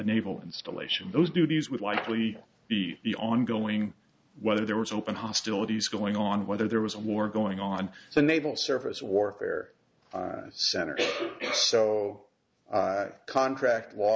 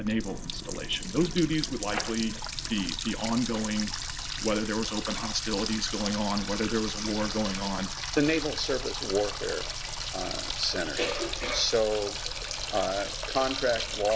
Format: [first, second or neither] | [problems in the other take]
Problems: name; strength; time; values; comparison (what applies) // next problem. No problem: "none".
first | background sound (Water tap, faucet); 4 dB below the speech